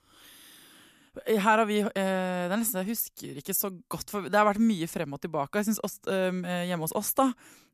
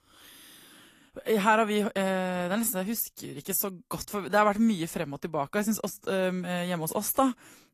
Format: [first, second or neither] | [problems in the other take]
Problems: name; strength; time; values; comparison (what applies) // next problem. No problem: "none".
first | garbled, watery; slightly; nothing above 14.5 kHz